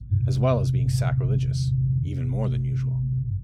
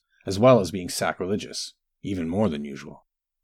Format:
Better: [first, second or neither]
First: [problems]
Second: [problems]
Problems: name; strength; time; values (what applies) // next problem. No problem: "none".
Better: second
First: low rumble; loud; throughout; 4 dB below the speech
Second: none